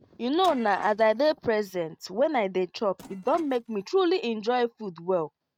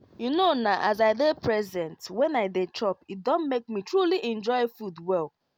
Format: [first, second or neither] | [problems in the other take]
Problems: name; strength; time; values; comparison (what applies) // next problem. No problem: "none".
second | noise reduction (neural mask model RNNoise)